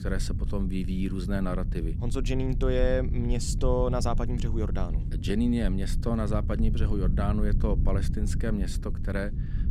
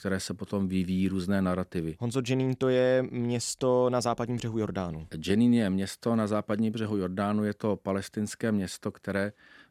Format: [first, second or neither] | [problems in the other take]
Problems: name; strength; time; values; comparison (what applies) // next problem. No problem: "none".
second | low rumble; noticeable; throughout; 10 dB below the speech